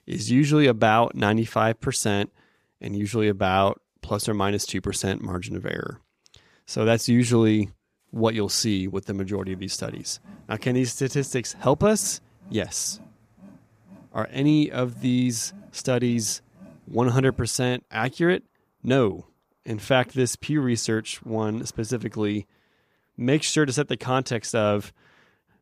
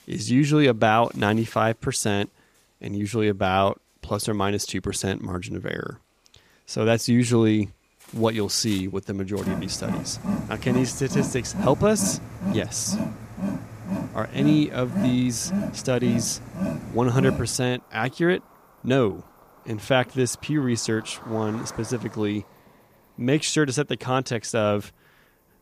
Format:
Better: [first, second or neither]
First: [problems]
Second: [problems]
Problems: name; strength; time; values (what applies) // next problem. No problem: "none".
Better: first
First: animal sounds; faint; throughout; 25 dB below the speech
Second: animal sounds; loud; throughout; 7 dB below the speech